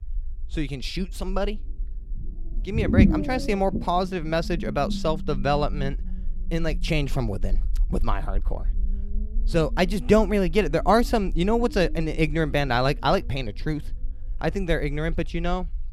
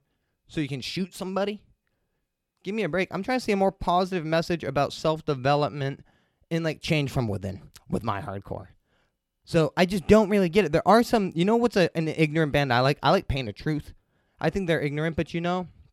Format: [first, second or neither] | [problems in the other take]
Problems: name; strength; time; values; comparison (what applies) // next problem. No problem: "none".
second | low rumble; noticeable; throughout; 10 dB below the speech